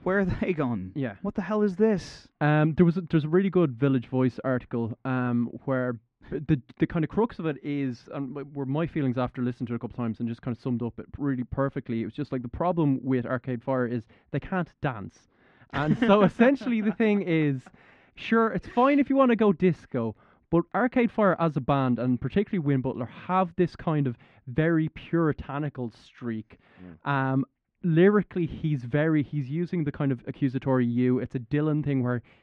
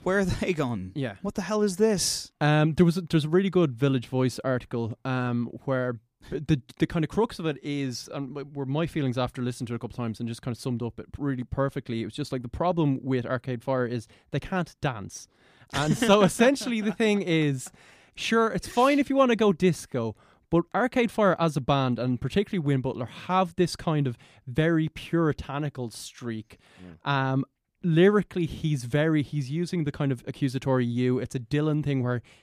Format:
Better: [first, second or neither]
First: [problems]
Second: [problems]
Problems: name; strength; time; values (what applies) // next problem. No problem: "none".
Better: second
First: muffled; very; fading above 2 kHz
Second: none